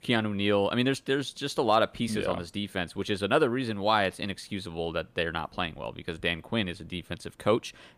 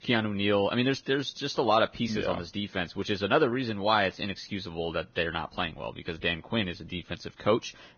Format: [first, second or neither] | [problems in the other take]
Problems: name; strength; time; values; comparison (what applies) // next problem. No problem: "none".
first | garbled, watery; badly; nothing above 6.5 kHz